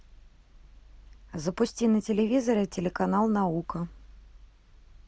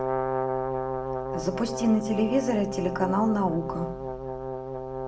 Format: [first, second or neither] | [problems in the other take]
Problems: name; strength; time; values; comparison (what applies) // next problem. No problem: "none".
first | background sound (Brass instrument); 3 dB below the speech // room echo; dies away in 0.5 s